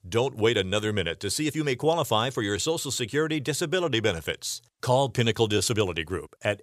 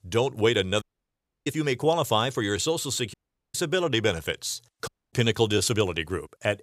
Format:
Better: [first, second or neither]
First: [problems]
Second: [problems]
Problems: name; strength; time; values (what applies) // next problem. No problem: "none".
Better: first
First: none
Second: audio cutting out; at 1 s for 0.5 s, at 3 s and at 5 s